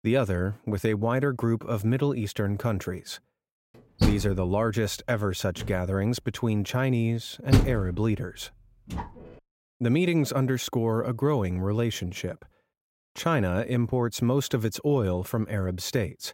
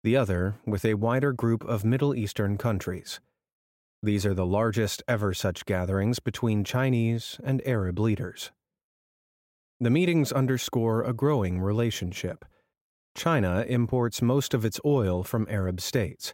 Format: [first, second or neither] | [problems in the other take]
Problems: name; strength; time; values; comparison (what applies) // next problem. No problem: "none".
second | door banging; loud; from 4 to 9 s; peak 3 dB above the speech